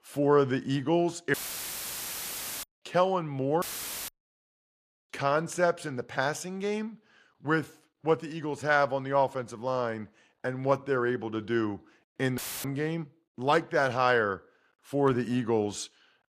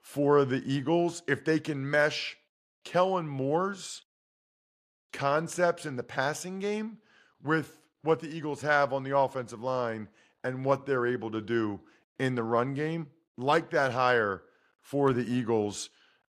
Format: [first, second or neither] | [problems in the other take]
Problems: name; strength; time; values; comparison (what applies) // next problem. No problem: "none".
second | audio cutting out; filled with static; at 1.5 s for 1.5 s, at 3.5 s and at 12 s